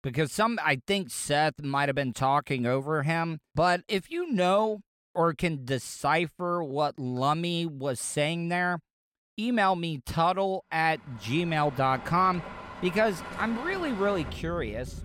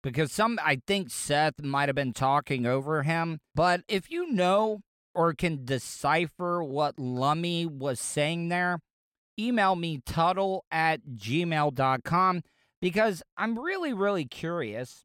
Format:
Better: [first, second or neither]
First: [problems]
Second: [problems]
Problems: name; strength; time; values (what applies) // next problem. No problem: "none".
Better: second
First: traffic noise; noticeable; from 11 s on; 15 dB below the speech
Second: none